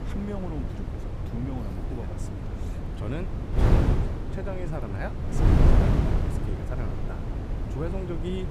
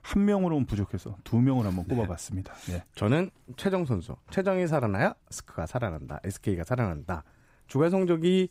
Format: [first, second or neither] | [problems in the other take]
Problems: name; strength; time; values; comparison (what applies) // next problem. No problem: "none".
second | wind noise on the microphone; heavy; 4 dB above the speech